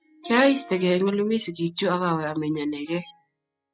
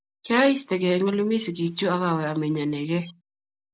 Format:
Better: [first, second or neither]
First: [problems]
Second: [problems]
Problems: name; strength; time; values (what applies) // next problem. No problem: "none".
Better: second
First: noise reduction (classical method spectral subtraction)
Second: none